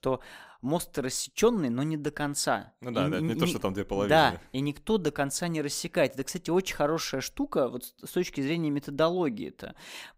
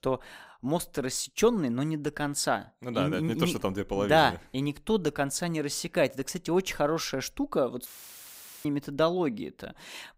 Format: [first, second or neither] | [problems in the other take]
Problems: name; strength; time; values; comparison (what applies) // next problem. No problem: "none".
first | audio cutting out; filled with static; at 8 s for 1 s